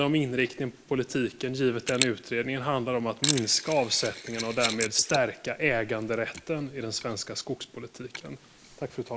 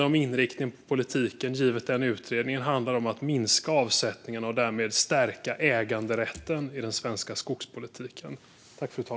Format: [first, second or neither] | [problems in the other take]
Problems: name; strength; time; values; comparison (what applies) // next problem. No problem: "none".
second | noise reduction (neural mask model Resemble Enhance denoiser)